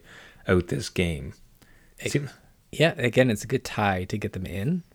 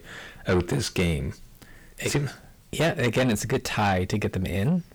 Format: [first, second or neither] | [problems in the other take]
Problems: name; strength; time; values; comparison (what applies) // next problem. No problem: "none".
first | distortion; heavy; 6 dB below the speech